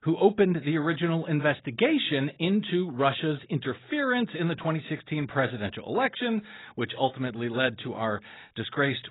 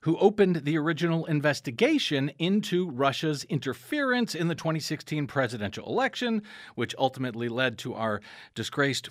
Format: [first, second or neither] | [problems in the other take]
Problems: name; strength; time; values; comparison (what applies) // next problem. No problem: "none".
second | garbled, watery; badly; nothing above 4 kHz